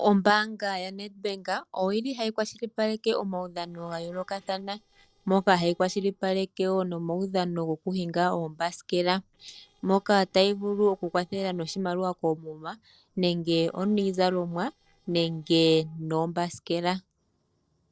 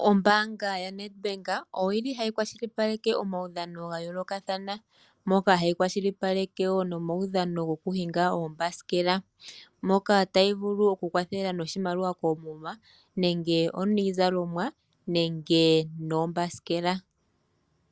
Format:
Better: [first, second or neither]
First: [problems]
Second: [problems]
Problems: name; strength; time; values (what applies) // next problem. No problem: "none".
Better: second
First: noise reduction (neural separator model SepFormer DNS4)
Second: none